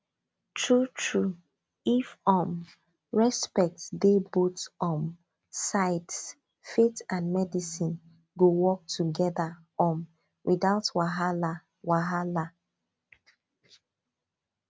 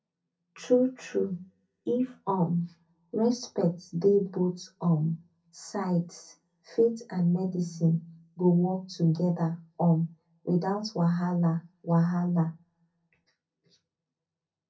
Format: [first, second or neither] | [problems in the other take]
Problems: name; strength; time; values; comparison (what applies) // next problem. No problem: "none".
first | room echo; dies away in 0.3 s